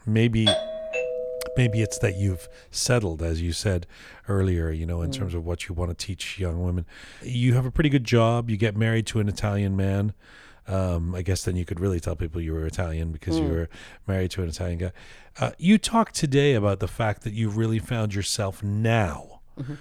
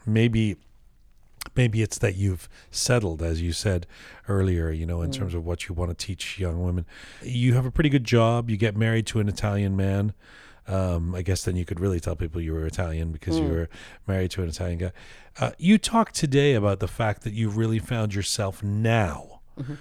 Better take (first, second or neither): second